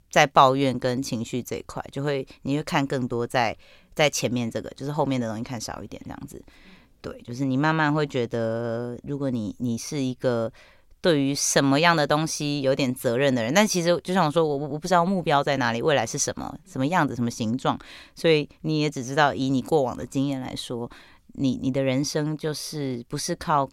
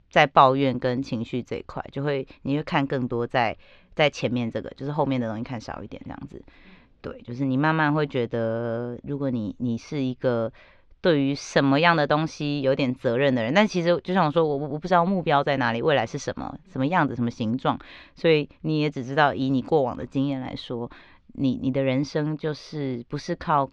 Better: first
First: none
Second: muffled; slightly; fading above 3.5 kHz

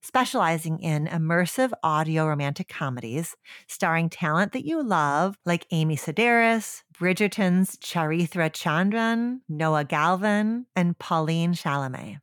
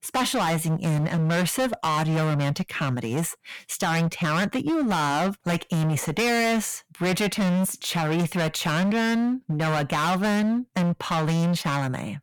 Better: first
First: none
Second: distortion; heavy; 29% of the sound clipped

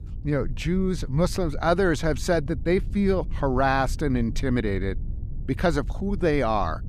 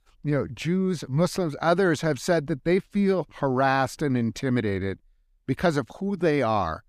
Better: second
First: low rumble; faint; throughout; 25 dB below the speech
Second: none

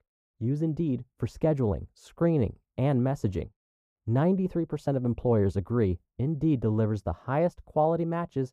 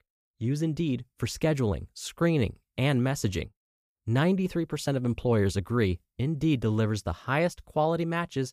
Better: second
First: muffled; very; fading above 1.5 kHz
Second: none

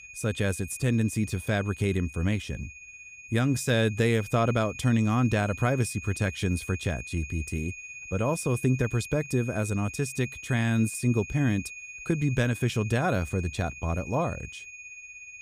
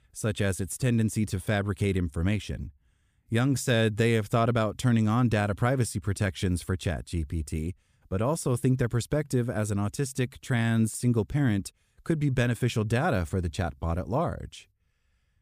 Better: second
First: high-pitched whine; noticeable; throughout; 2.5 kHz, 15 dB below the speech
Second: none

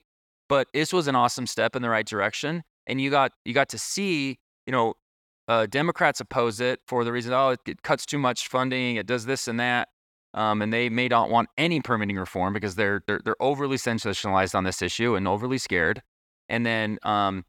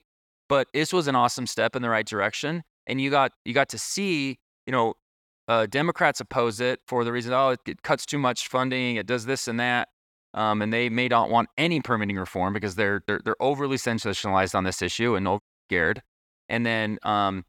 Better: first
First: none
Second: audio cutting out; at 15 s

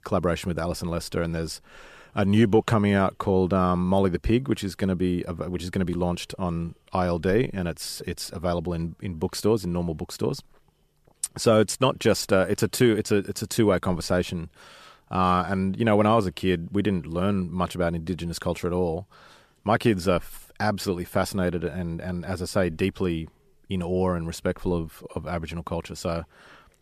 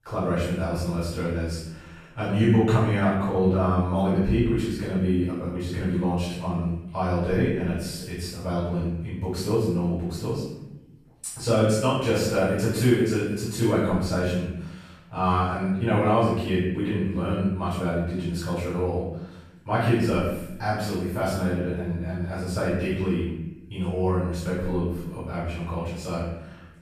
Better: first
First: none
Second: off-mic speech; far // room echo; strong; dies away in 0.9 s

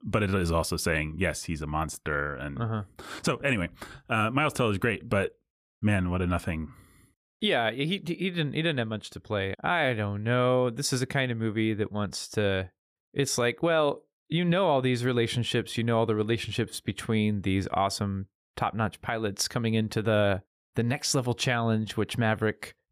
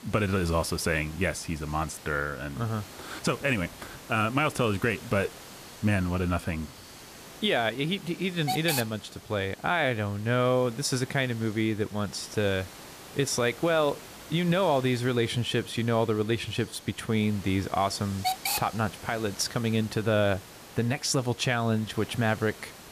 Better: first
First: none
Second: hiss; noticeable; throughout; 15 dB below the speech

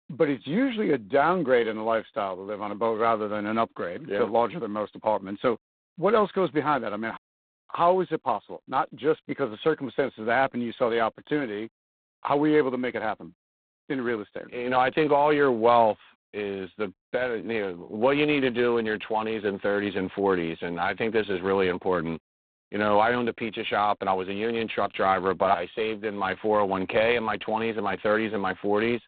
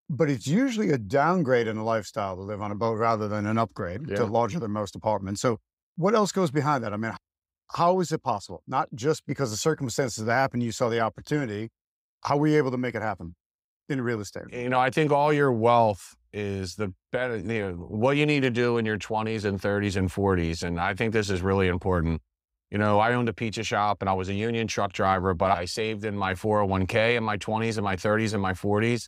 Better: second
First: phone-call audio; poor line; nothing above 4 kHz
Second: none

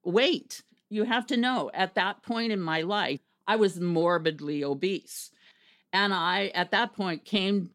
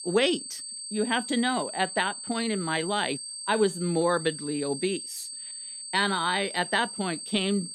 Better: first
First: none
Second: high-pitched whine; loud; throughout; 8.5 kHz, 8 dB below the speech

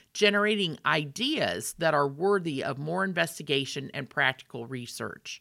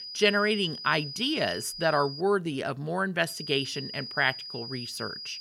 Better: first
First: none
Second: high-pitched whine; loud; until 2 s and from 3.5 s on; 5 kHz, 9 dB below the speech

